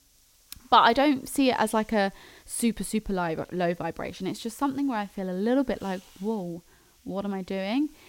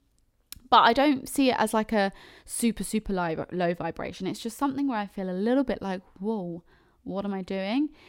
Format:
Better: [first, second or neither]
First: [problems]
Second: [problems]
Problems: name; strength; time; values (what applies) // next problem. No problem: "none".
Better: second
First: hiss; faint; throughout; 30 dB below the speech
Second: none